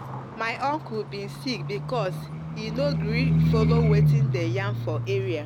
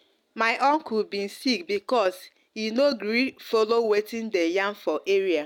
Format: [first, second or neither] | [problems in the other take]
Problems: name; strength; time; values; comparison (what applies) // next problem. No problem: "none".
second | background sound (Livestock, farm animals, working animals); 5 dB above the speech